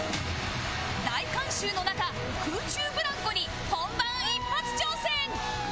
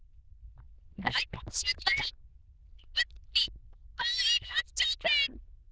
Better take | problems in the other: first | noise reduction (neural diffusion model UNIVERSE++)

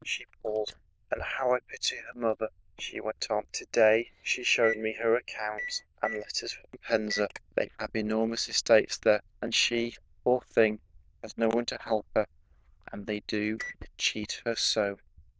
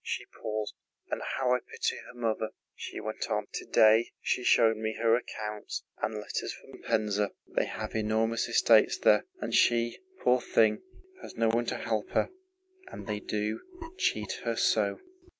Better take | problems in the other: second | noise reduction (neural diffusion model UNIVERSE++)

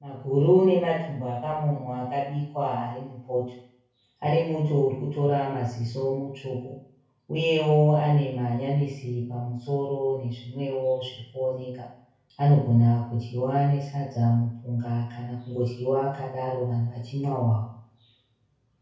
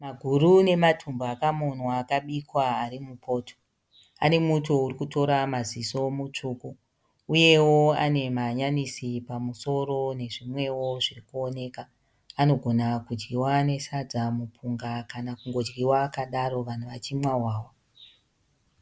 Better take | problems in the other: second | room echo; dies away in 0.6 s

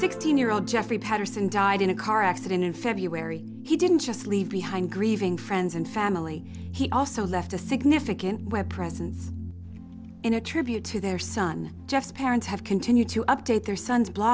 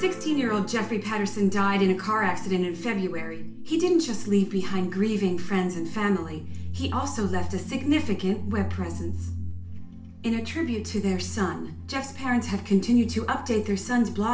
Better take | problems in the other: first | room echo; dies away in 0.4 s

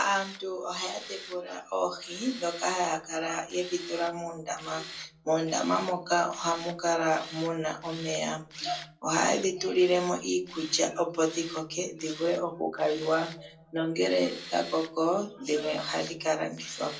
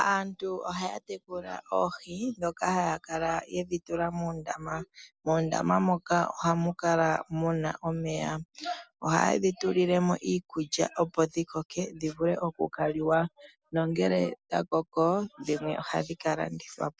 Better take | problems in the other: second | background sound (Tools); 16 dB below the speech // room echo; dies away in 0.2 s

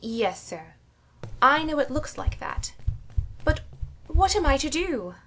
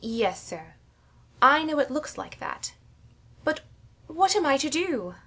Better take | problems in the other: second | background sound (Run); 2 dB below the speech

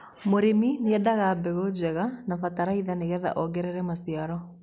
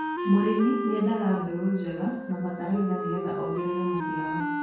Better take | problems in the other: first | background sound (Wind instrument, woodwind instrument); 4 dB below the speech // room echo; dies away in 0.6 s

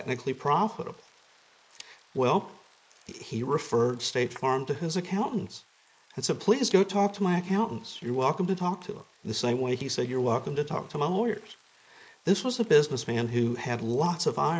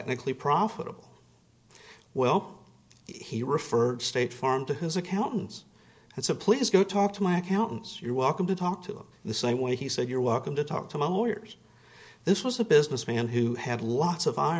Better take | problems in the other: second | noise reduction (neural mask model Resemble Enhance denoiser)

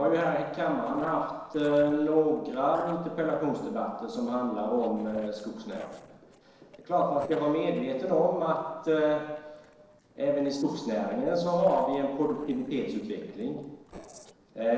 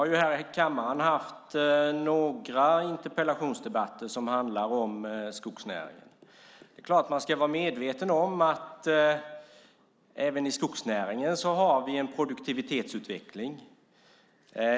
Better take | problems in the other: second | noise reduction (neural separator model SepFormer DNS4)

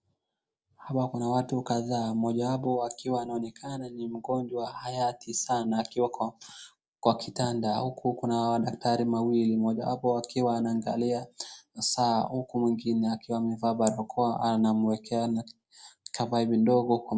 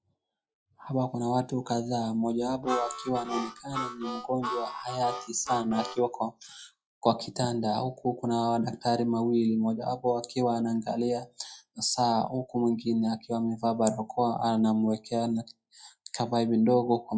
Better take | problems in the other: first | noise reduction (classical method log-MMSE)

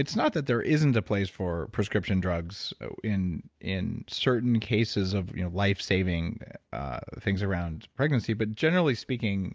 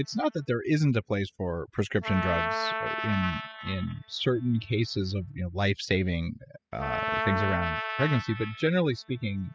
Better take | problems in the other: first | noise reduction (classical method spectral subtraction)

